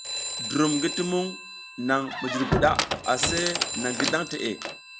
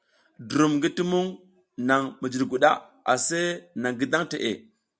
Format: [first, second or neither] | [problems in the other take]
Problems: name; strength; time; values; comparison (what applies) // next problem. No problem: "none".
second | background sound (Squeak + Telephone); 3 dB below the speech